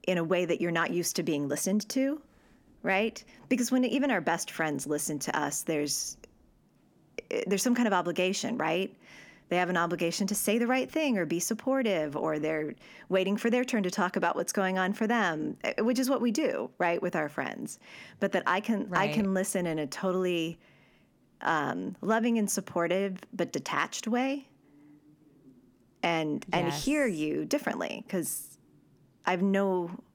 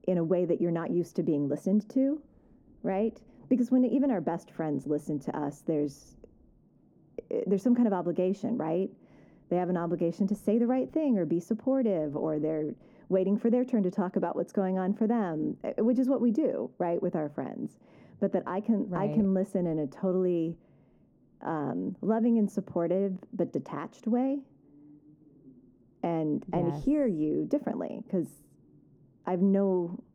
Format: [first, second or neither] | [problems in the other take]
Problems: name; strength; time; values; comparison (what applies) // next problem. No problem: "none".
first | muffled; very; fading above 1 kHz